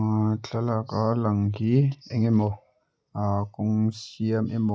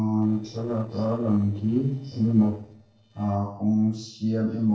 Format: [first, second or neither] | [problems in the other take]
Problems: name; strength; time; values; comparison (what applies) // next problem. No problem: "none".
first | noise reduction (neural separator model SepFormer DNS4)